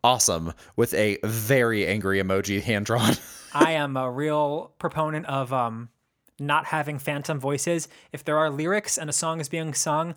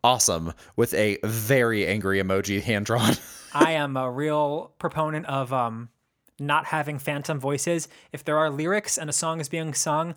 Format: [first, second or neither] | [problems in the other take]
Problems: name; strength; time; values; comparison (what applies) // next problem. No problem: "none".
neither | none